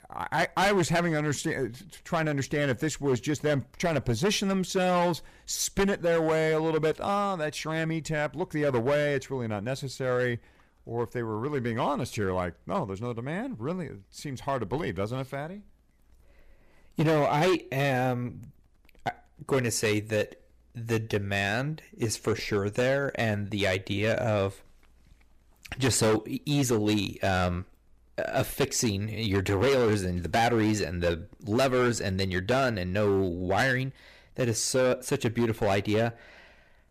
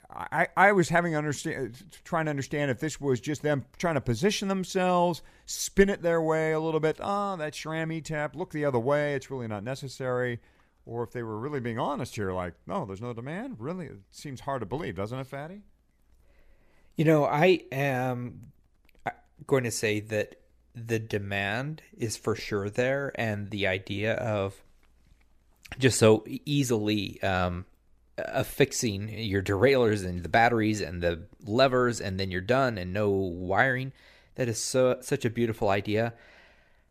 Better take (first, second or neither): second